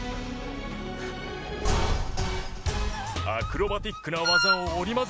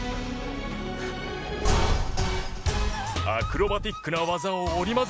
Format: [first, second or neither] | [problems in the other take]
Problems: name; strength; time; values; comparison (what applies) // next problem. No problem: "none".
second | background sound (Wind instrument, woodwind instrument); 4 dB above the speech